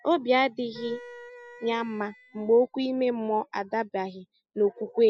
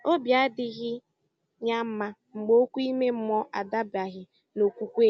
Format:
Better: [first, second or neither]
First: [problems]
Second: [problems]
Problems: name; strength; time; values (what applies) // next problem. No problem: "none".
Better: second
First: noise reduction (classical method spectral subtraction)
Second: none